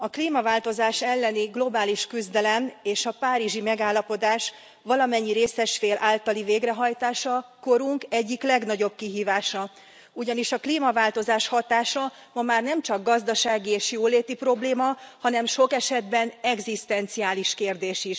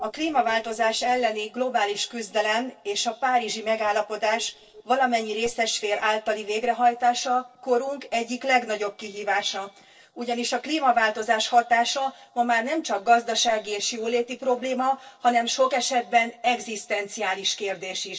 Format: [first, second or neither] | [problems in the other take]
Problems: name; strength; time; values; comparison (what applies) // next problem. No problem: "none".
first | noise reduction (neural separator model SepFormer DNS4)